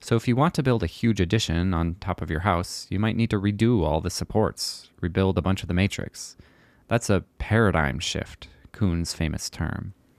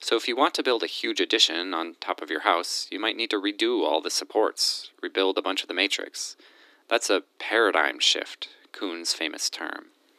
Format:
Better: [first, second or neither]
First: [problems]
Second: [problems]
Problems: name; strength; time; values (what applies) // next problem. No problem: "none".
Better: first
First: none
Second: thin; very; fading below 300 Hz